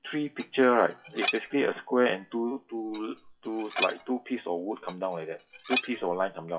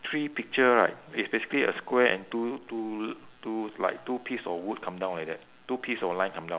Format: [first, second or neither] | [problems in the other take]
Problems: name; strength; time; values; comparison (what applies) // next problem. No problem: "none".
second | noise reduction (classical method WPE with log-MMSE)